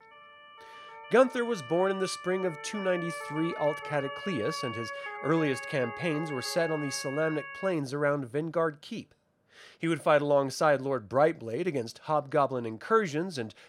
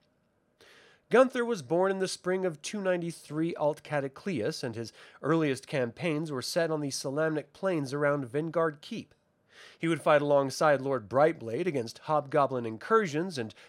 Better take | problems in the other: second | siren; noticeable; until 7.5 s; peak 8 dB below the speech

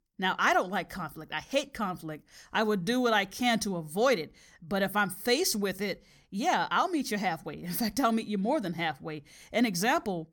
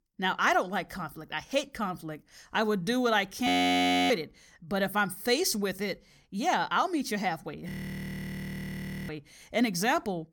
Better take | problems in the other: first | audio freezing; at 3.5 s for 0.5 s and at 7.5 s for 1.5 s

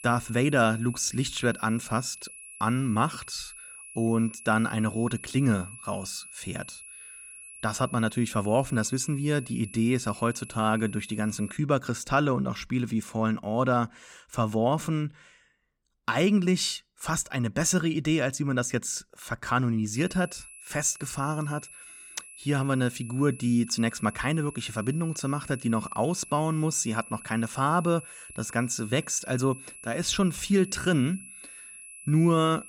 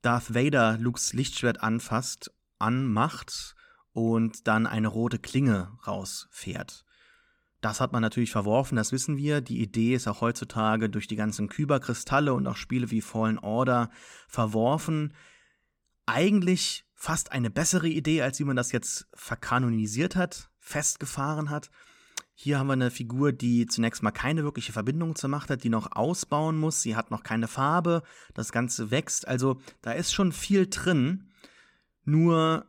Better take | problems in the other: second | high-pitched whine; noticeable; until 12 s and from 20 s on; 11 kHz, 15 dB below the speech

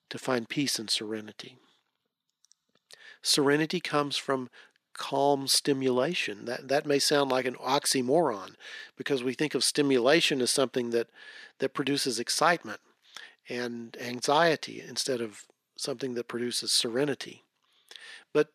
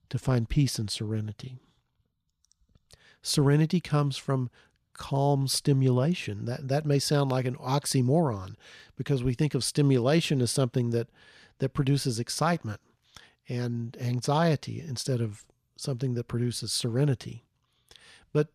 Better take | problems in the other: second | thin; somewhat; fading below 300 Hz

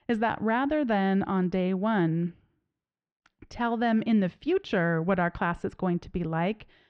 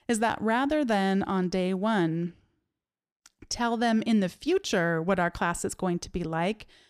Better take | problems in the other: second | muffled; very; fading above 3 kHz

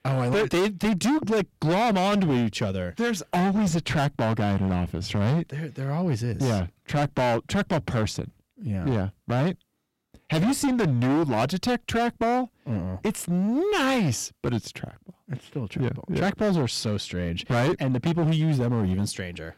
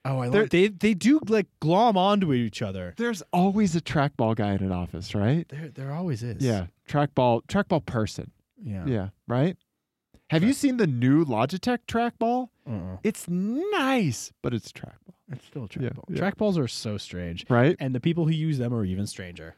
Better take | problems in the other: second | distortion; heavy; 19% of the sound clipped

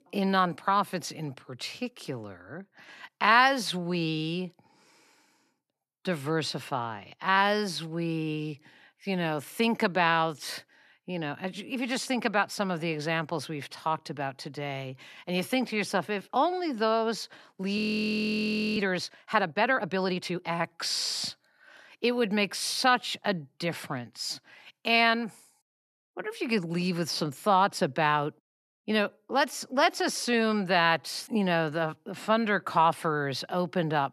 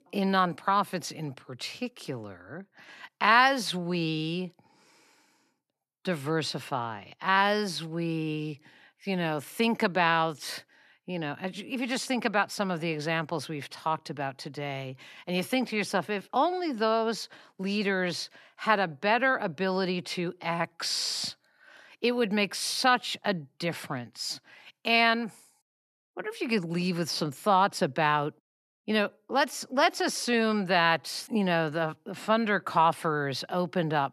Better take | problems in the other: second | audio freezing; at 18 s for 1 s

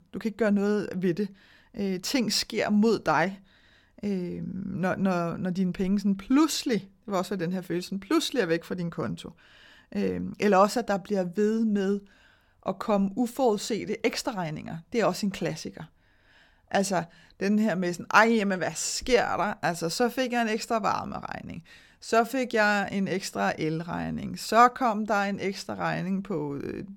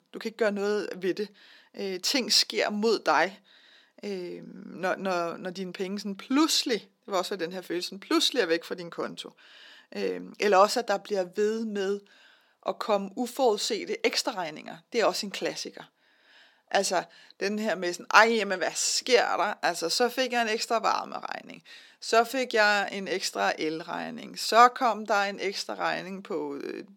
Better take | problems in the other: first | thin; somewhat; fading below 300 Hz

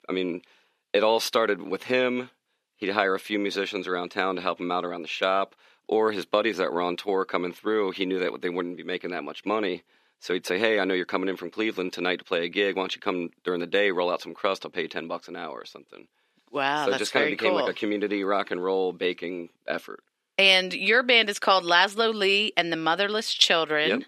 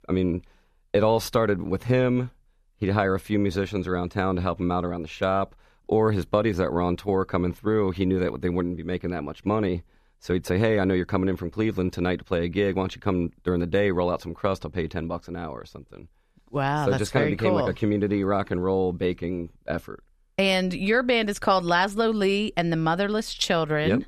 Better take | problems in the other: second | thin; somewhat; fading below 250 Hz

